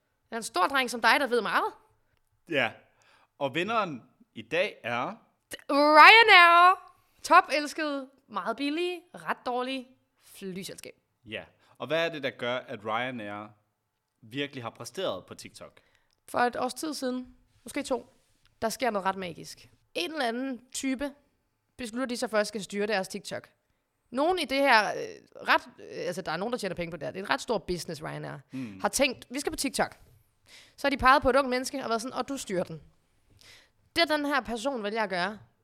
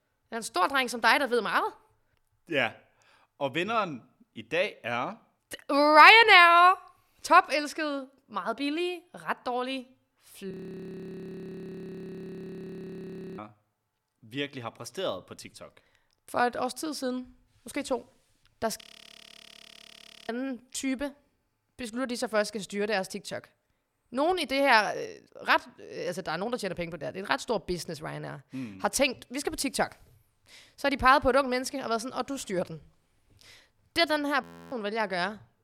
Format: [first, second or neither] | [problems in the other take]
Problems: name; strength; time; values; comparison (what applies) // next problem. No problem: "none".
first | audio freezing; at 11 s for 3 s, at 19 s for 1.5 s and at 34 s